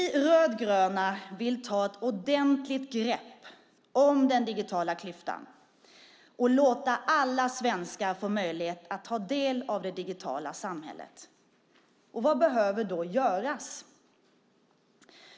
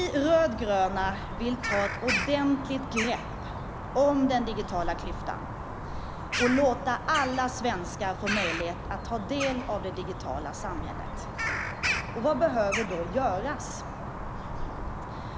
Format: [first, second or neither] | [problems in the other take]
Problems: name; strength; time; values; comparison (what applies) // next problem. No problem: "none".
first | background sound (Bird vocalization, bird call, bird song); 4 dB below the speech